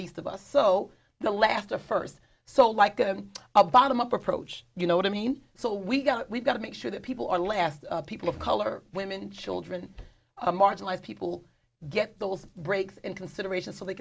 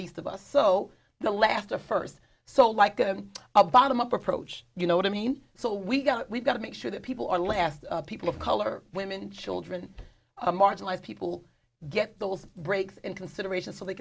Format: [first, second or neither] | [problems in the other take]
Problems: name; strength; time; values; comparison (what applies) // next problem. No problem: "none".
first | background sound (Knock); 18 dB below the speech